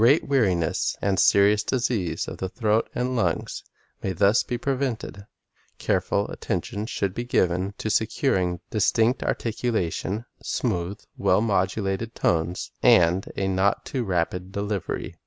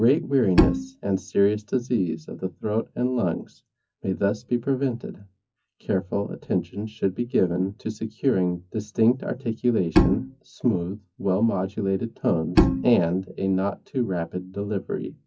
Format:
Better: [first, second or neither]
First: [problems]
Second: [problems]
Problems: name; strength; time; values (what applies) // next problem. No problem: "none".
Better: first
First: none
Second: noise reduction (classical method WPE with log-MMSE)